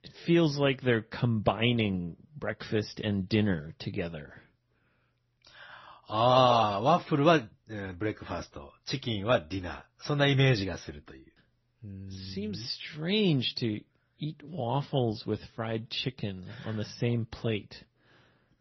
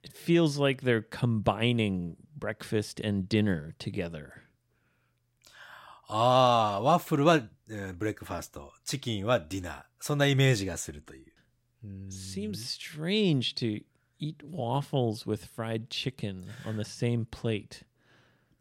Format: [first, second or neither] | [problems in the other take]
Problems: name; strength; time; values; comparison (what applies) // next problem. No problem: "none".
second | garbled, watery; slightly; nothing above 6 kHz